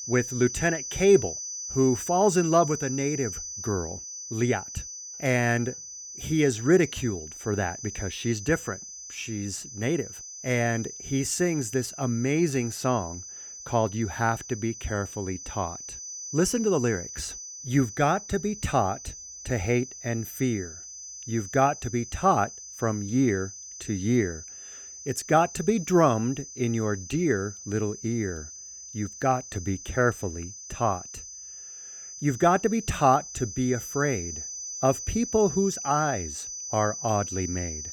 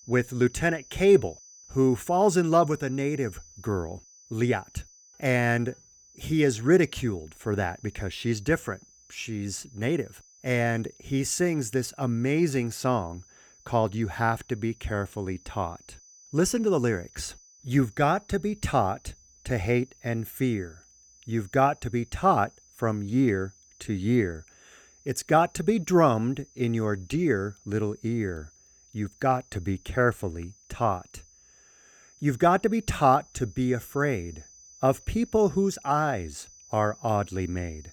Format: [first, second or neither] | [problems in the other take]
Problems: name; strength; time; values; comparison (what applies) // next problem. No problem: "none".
second | high-pitched whine; loud; throughout; 6 kHz, 10 dB below the speech; faint in the second